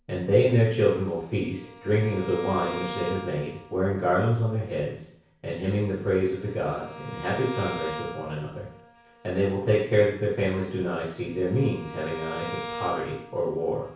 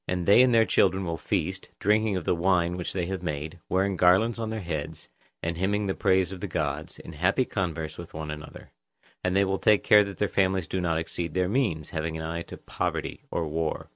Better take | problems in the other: second | background sound (Bowed string instrument); 14 dB below the speech // room echo; dies away in 0.6 s

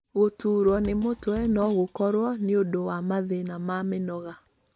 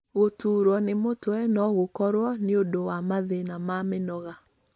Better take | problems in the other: second | background sound (Bass drum / Snare drum); 17 dB below the speech

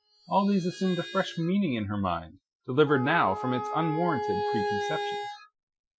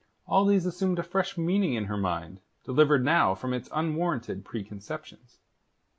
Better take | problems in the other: second | noise reduction (classical method Wiener filter)

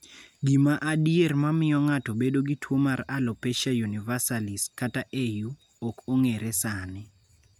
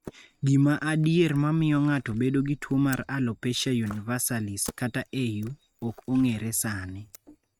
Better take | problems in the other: first | noise reduction (neural mask model RNNoise)

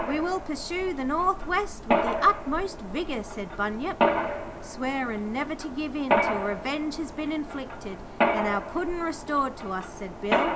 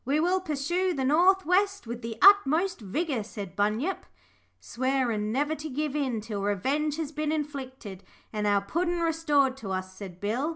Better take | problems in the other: second | background sound (Mechanisms); as loud as the speech

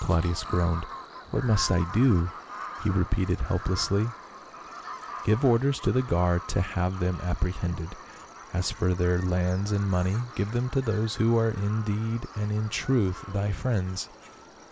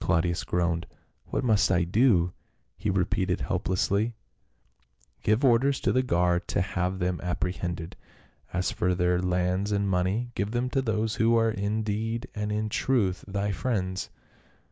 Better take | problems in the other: second | background sound (Bird vocalization, bird call, bird song); 15 dB below the speech

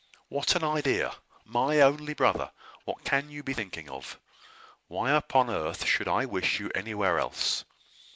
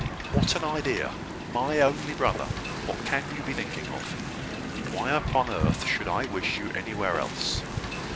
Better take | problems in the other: first | background sound (Wind); 2 dB below the speech

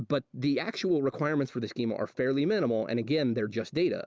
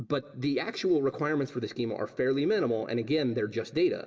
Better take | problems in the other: first | room echo; dies away in 2.3 s

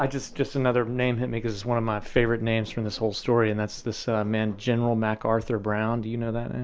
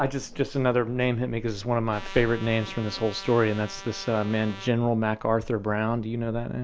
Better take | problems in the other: first | background sound (Trumpet); 16 dB below the speech

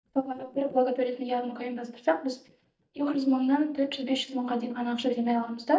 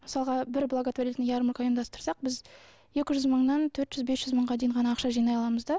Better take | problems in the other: second | noise reduction (neural mask model DeepFilterNet 3)

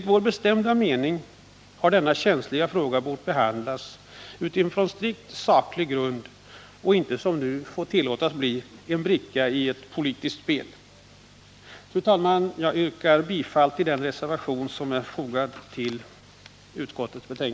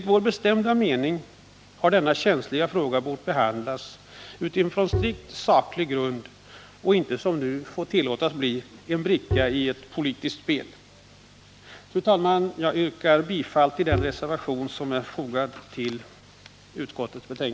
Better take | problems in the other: first | background sound (Bowed string instrument); 4 dB below the speech

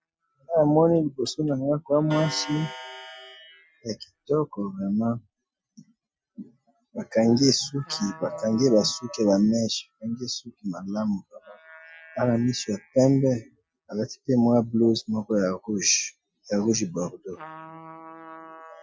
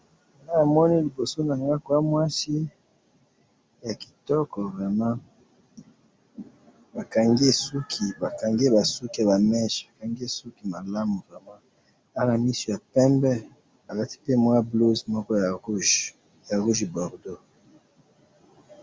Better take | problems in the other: second | noise reduction (classical method Wiener filter)

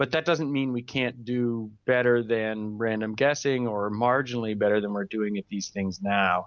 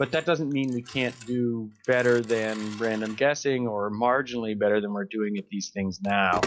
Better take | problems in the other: first | noise reduction (classical method log-MMSE)

